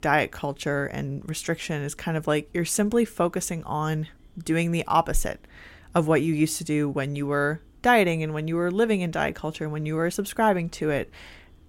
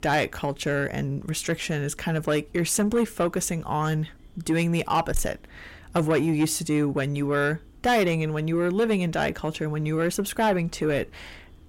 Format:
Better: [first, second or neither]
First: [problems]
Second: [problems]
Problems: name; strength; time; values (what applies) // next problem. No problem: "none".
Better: first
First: none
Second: distortion; slight; 10 dB below the speech